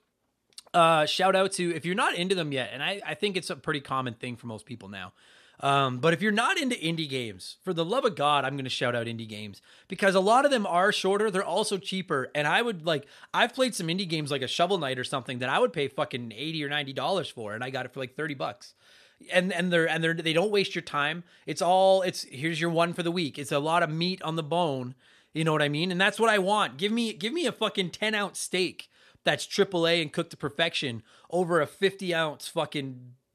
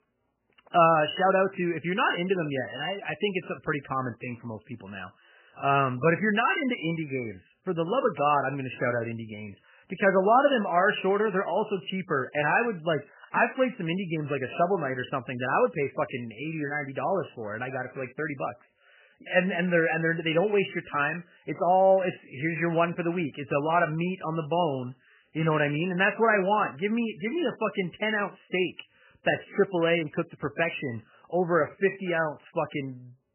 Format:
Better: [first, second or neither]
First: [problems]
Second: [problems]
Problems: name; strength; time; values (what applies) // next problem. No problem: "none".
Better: first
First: none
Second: garbled, watery; badly; nothing above 3 kHz